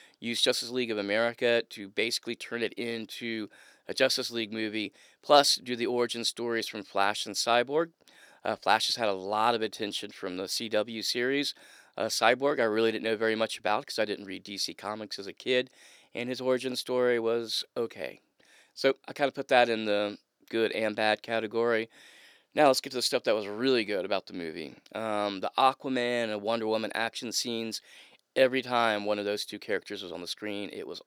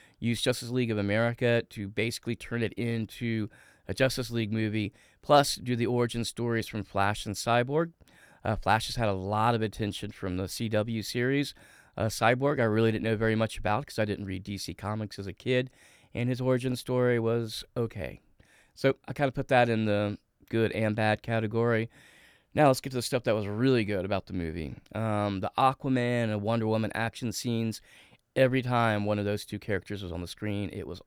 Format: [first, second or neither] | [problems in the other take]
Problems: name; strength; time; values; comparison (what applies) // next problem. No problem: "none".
second | thin; somewhat; fading below 350 Hz